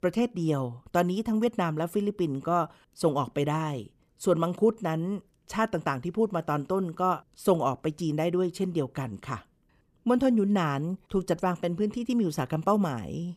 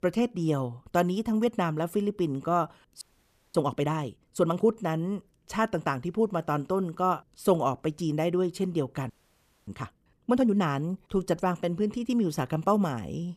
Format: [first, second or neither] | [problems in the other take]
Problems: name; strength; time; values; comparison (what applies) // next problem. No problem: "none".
first | audio freezing; at 3 s for 0.5 s and at 9 s for 0.5 s